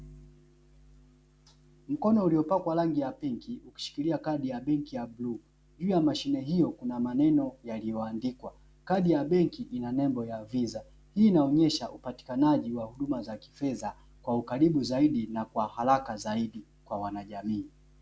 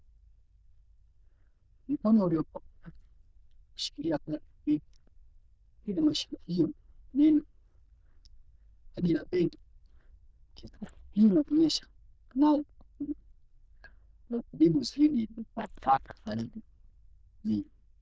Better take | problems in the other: first | noise reduction (neural diffusion model UNIVERSE++)

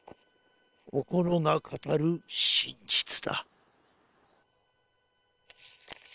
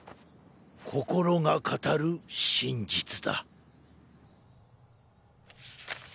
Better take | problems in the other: second | noise reduction (neural separator model SepFormer WHAM!)

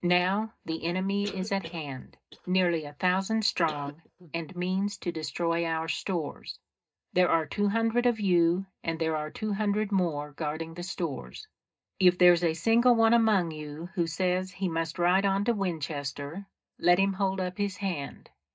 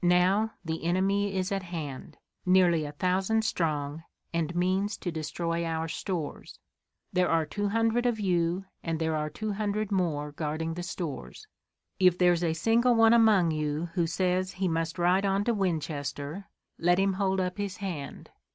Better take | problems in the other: second | noise reduction (neural mask model DeepFilterNet 3)

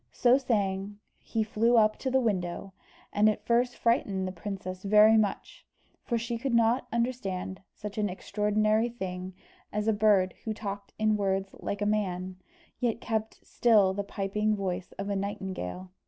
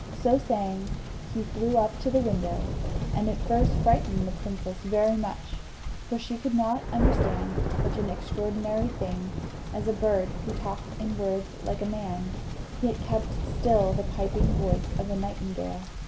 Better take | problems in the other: first | background sound (Thunder); 1 dB below the speech // room echo; dies away in 0.7 s

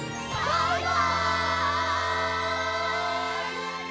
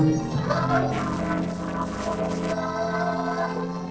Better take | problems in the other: first | noise reduction (neural separator model SepFormer DNS4)

